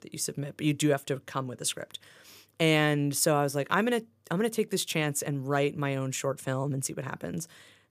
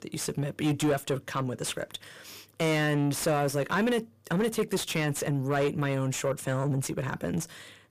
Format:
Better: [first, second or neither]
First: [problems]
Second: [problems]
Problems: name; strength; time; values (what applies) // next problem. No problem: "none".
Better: first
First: none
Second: distortion; heavy; 7 dB below the speech